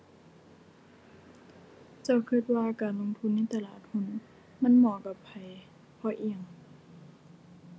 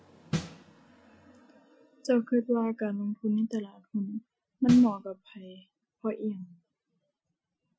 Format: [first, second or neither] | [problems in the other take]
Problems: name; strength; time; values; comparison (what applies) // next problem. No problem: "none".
first | noise reduction (classical method Wiener filter)